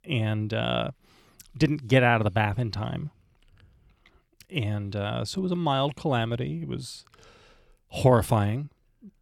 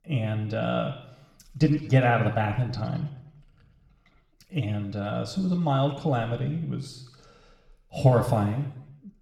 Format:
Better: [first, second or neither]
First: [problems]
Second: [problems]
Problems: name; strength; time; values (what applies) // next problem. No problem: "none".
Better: first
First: none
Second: room echo; slight; dies away in 0.8 s // off-mic speech; somewhat distant